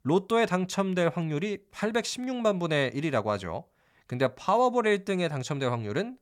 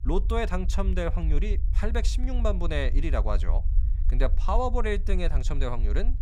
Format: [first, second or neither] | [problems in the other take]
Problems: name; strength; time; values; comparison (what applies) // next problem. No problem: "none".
first | low rumble; noticeable; throughout; 20 dB below the speech